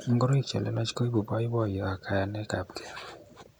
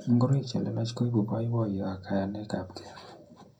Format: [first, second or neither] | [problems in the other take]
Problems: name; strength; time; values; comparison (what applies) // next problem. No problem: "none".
first | room echo; dies away in 0.2 s